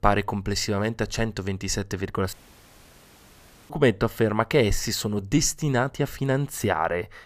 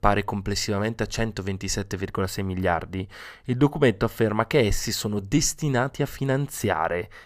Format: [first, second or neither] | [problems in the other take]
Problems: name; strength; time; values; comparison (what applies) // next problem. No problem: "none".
second | audio cutting out; at 2.5 s for 1.5 s